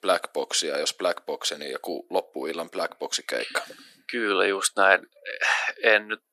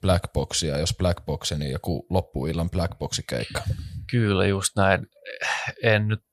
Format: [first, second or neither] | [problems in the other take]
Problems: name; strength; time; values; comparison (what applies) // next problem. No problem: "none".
second | thin; very; fading below 300 Hz